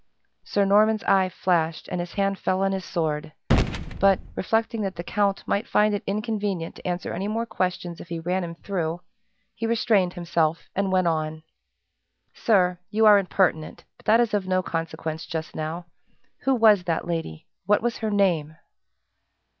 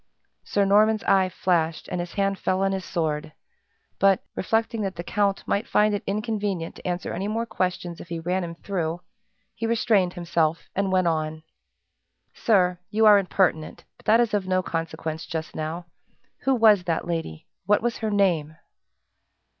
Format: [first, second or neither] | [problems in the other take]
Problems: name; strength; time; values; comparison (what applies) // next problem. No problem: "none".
second | background sound (Gunshot, gunfire); 5 dB below the speech